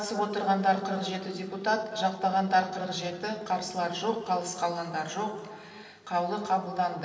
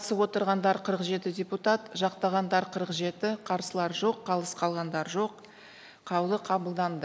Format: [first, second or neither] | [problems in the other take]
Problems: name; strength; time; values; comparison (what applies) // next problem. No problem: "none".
second | room echo; dies away in 2.7 s